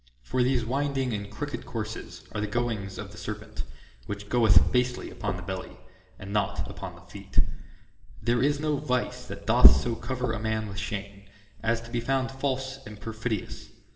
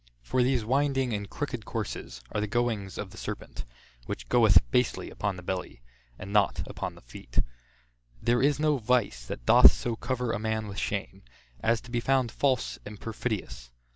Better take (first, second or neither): second